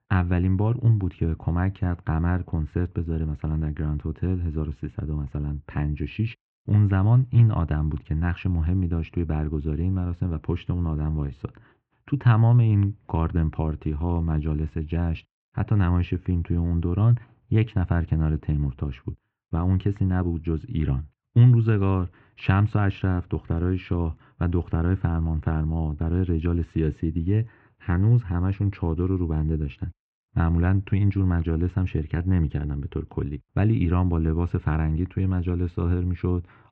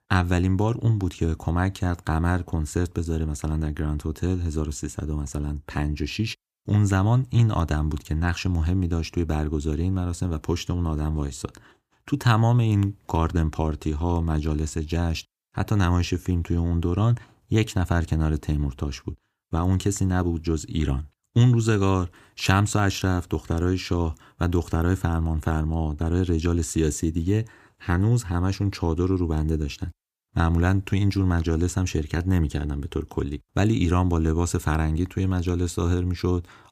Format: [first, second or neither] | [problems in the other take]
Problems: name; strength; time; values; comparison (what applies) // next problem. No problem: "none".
second | muffled; very; fading above 2.5 kHz